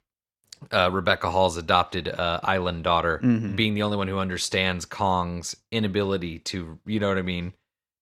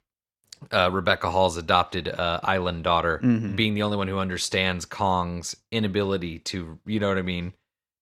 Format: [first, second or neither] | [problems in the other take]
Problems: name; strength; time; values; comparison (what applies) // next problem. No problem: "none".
neither | none